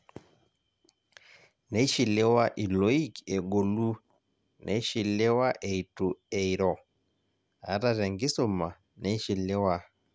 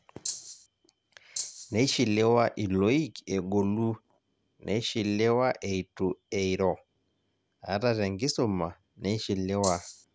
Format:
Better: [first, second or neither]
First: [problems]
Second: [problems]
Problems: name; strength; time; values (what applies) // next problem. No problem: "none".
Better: first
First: none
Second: background sound (Rattle (instrument)); 8 dB below the speech